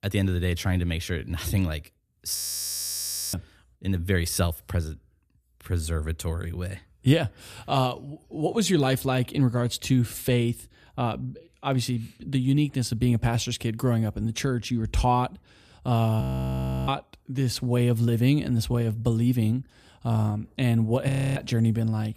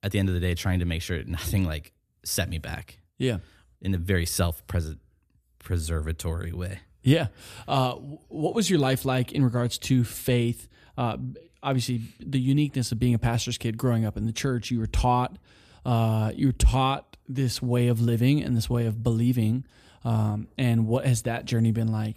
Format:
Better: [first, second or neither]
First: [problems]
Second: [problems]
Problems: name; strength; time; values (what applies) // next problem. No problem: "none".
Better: second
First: audio freezing; at 2.5 s for 1 s, at 16 s for 0.5 s and at 21 s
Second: none